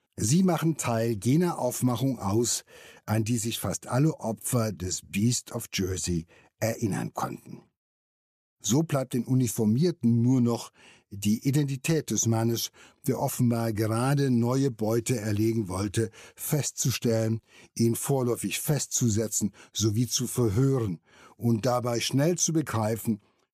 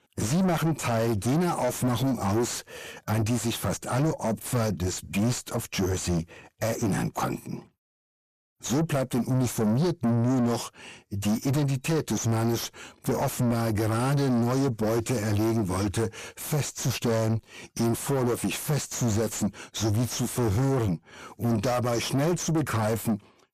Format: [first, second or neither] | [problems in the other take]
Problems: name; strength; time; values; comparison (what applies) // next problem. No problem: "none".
first | distortion; heavy; 7 dB below the speech